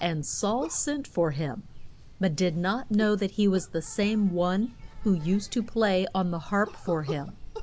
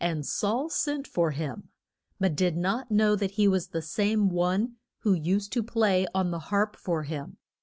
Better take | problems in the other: second | background sound (Cough + Insect); 14 dB below the speech

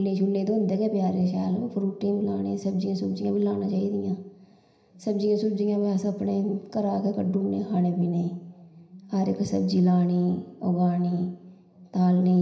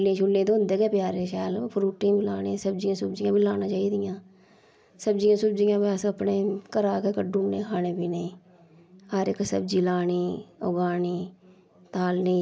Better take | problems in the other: second | room echo; dies away in 0.9 s

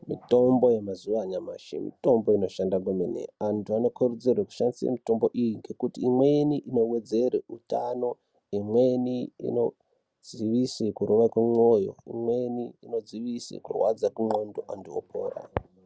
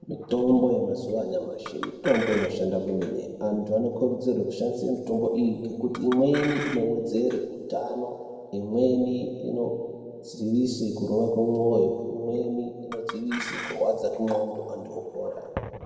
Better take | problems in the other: first | background sound (Chink, clink); 13 dB below the speech // room echo; dies away in 1.7 s

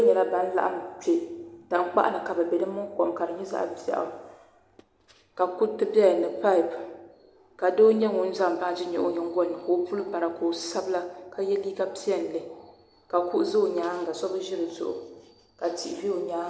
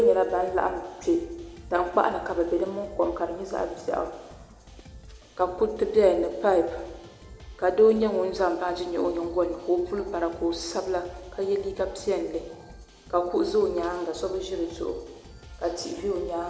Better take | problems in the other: first | background sound (Drum kit); 20 dB below the speech

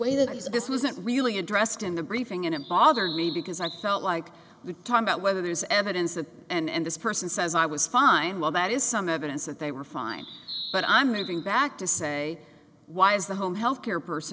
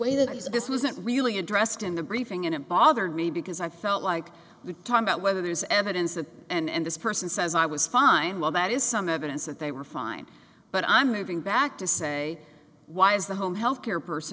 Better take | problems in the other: second | background sound (Bird vocalization, bird call, bird song); 12 dB below the speech

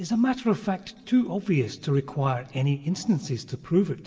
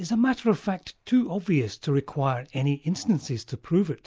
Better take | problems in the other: second | room echo; dies away in 2.5 s

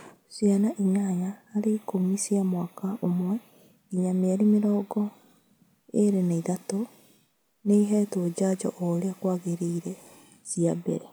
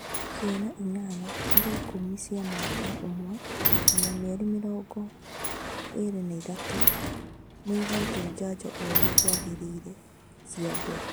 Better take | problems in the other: first | background sound (Sliding door); 4 dB above the speech

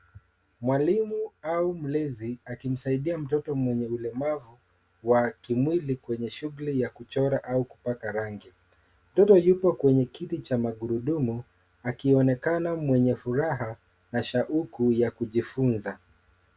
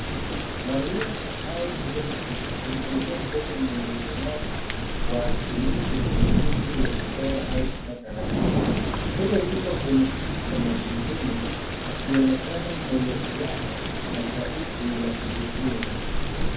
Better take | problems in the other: first | background sound (Thunder / Rain); 3 dB above the speech // room echo; dies away in 0.6 s

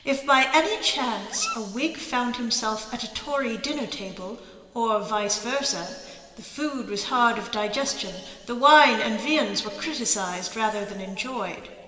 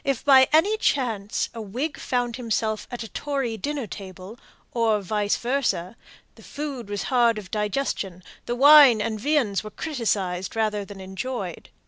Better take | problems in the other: second | background sound (Dog); 12 dB below the speech // room echo; dies away in 2 s

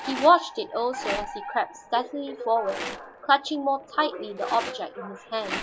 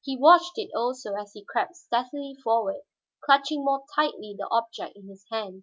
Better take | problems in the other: second | background sound (Rattle + Alarm); 10 dB below the speech

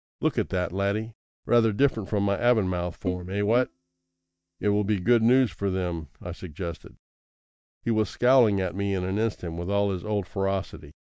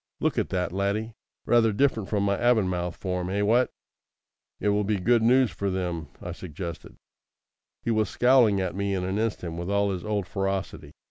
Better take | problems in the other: second | noise reduction (neural mask model DeepFilterNet 3)

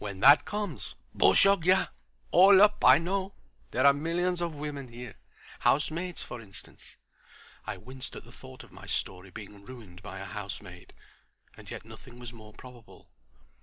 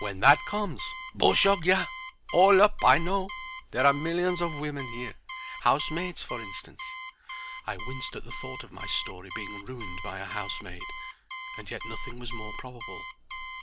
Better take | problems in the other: first | background sound (Alarm); 12 dB below the speech

